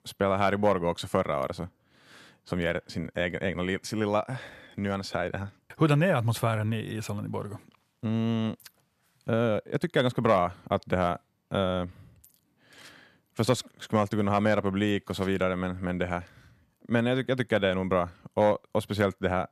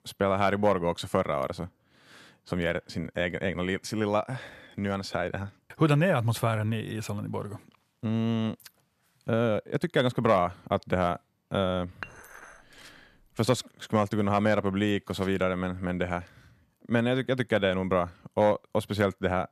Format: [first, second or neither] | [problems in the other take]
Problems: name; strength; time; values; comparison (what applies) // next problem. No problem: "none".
first | clattering dishes; faint; at 12 s; peak 15 dB below the speech